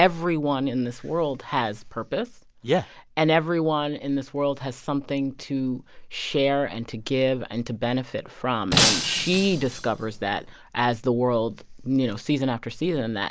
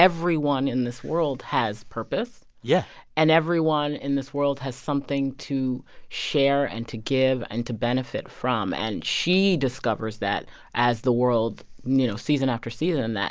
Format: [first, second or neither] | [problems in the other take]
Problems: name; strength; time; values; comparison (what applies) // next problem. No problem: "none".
second | background sound (Shatter); 1 dB below the speech